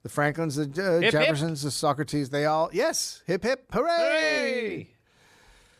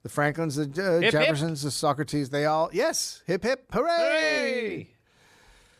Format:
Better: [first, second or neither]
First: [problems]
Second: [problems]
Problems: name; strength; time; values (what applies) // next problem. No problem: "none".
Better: neither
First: none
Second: none